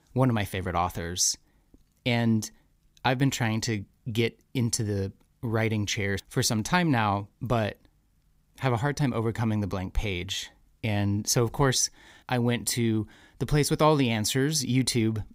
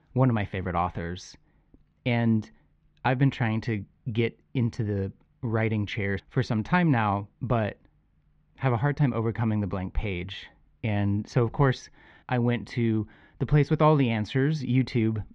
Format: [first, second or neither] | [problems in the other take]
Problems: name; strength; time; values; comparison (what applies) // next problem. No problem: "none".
first | muffled; very; fading above 2.5 kHz